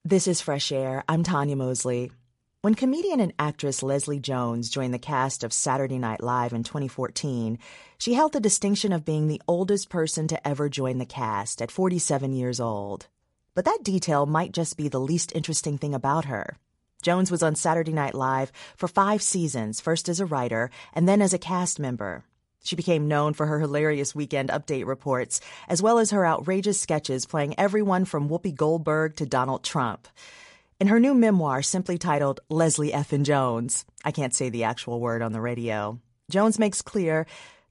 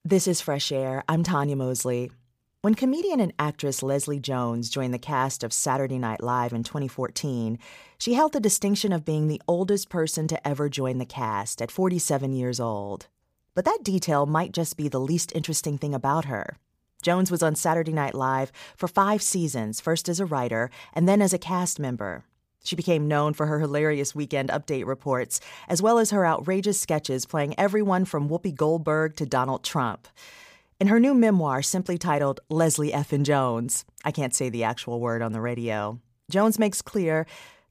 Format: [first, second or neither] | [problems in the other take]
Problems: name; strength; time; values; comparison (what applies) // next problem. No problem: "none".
second | garbled, watery; slightly; nothing above 10.5 kHz